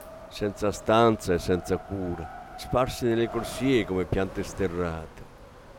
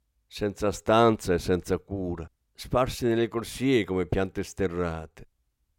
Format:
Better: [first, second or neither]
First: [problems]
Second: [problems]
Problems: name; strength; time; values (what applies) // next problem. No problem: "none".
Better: second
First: wind noise on the microphone; occasional gusts; 15 dB below the speech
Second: none